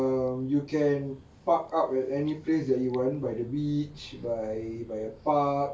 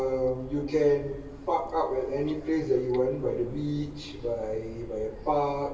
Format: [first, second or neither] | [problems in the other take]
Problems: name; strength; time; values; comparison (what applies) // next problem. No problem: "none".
first | background sound (Subway, metro, underground); 17 dB below the speech // room echo; dies away in 1.3 s